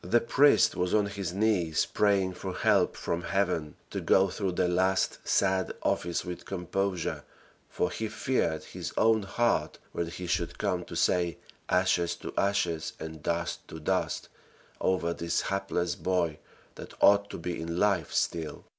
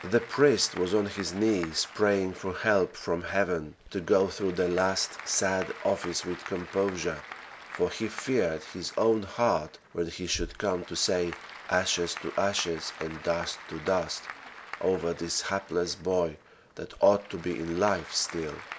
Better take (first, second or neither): first